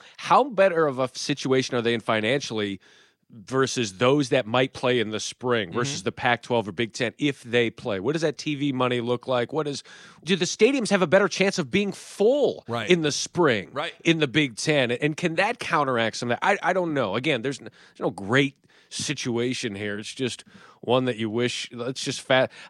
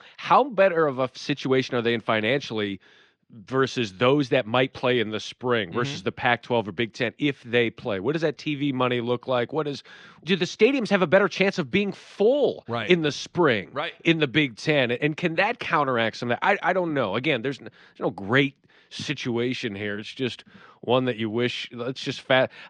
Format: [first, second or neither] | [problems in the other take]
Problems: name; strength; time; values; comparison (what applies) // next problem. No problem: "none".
first | muffled; very slightly; fading above 3.5 kHz